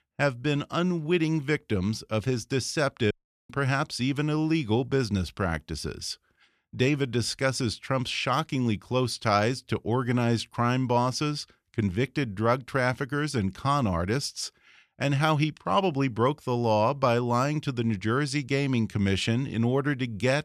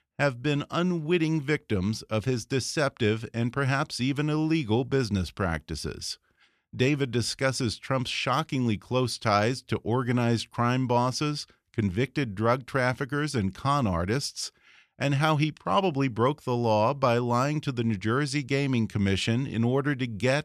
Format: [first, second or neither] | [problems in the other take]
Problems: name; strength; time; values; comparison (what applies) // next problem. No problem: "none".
second | audio cutting out; at 3 s